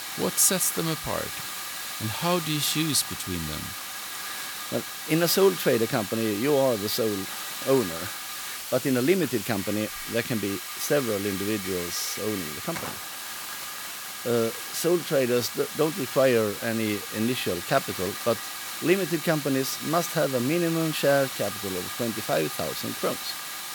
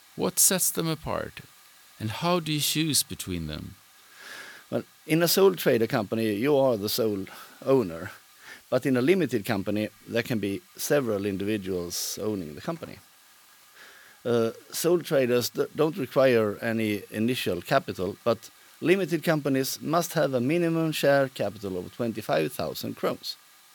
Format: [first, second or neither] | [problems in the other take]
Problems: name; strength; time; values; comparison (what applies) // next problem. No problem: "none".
second | hiss; loud; throughout; 6 dB below the speech; faint in the second